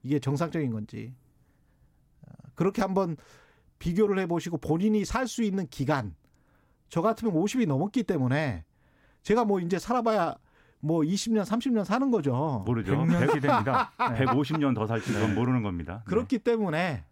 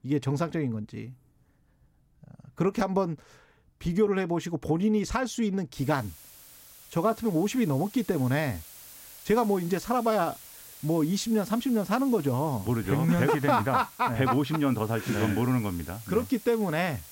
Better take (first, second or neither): first